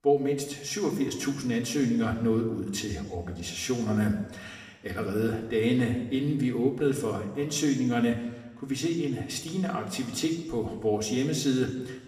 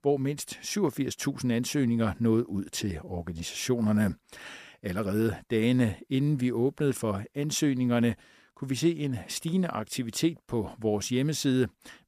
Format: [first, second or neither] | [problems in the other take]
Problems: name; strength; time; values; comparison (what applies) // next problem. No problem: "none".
second | room echo; slight; dies away in 1.1 s // off-mic speech; somewhat distant